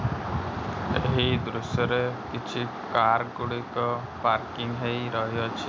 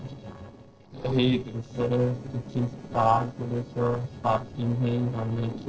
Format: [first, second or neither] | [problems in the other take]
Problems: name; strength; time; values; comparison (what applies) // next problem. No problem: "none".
first | noise reduction (neural separator model SepFormer DNS4)